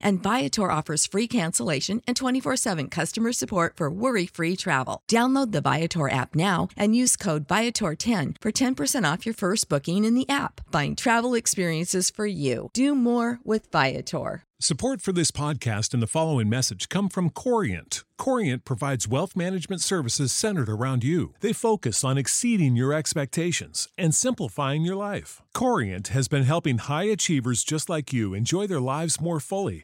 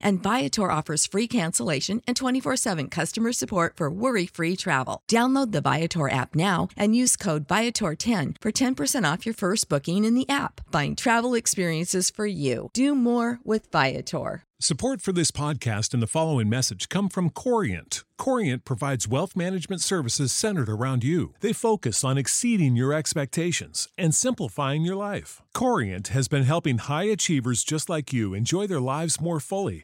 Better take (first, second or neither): neither